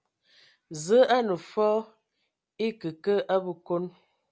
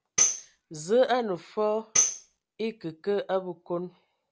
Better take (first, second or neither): first